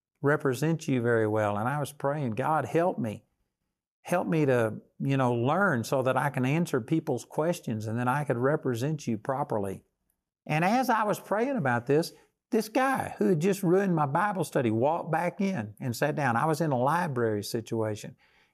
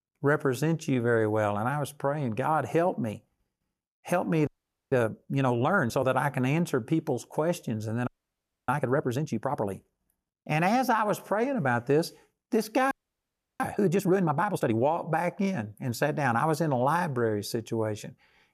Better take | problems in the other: first | audio freezing; at 4.5 s, at 8 s for 0.5 s and at 13 s for 0.5 s

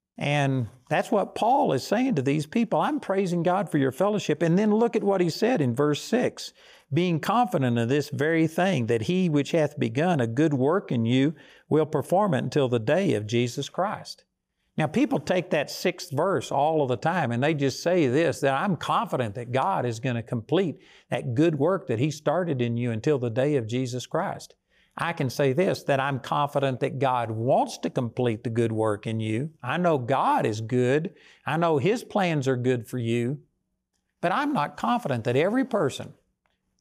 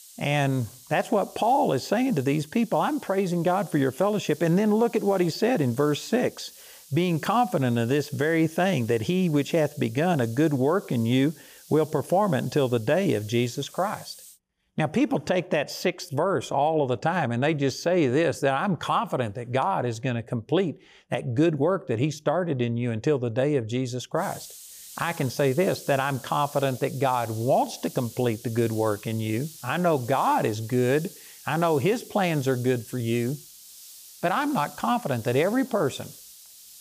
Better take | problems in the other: first | hiss; noticeable; until 14 s and from 24 s on; 20 dB below the speech

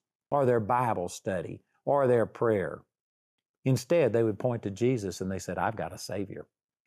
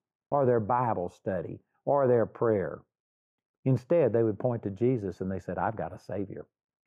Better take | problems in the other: first | muffled; very; fading above 2.5 kHz

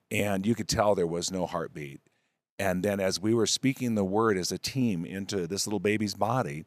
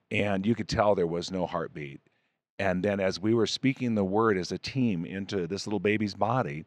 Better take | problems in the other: first | muffled; very slightly; fading above 3 kHz

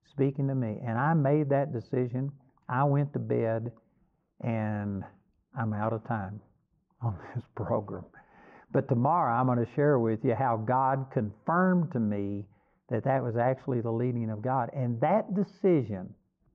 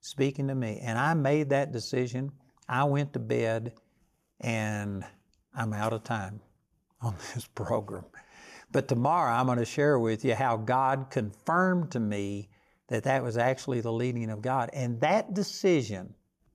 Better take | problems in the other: second | muffled; very; fading above 1 kHz

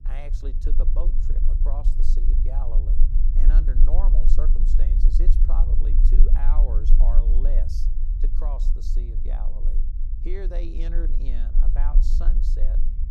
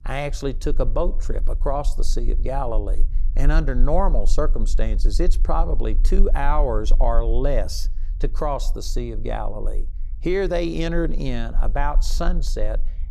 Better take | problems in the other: second | low rumble; loud; throughout; 5 dB below the speech; faint in the second

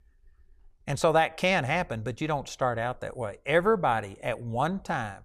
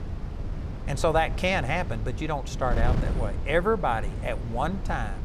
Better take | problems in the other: first | wind noise on the microphone; occasional gusts; 15 dB below the speech

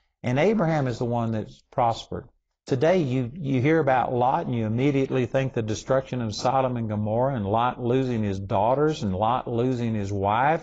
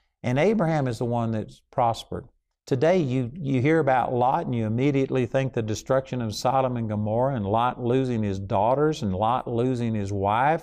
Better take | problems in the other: second | garbled, watery; badly; nothing above 7.5 kHz

